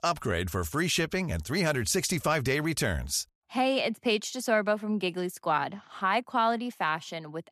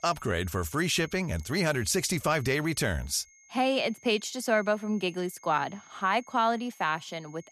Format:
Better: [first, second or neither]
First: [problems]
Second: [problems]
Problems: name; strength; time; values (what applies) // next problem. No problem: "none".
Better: first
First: none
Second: high-pitched whine; faint; throughout; 6.5 kHz, 25 dB below the speech